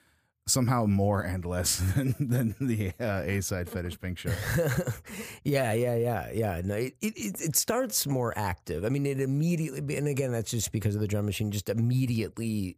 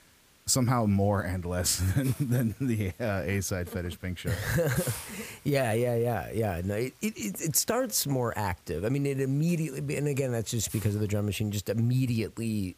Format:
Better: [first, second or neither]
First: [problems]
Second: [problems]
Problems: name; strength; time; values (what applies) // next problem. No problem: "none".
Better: first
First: none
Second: hiss; noticeable; throughout; 20 dB below the speech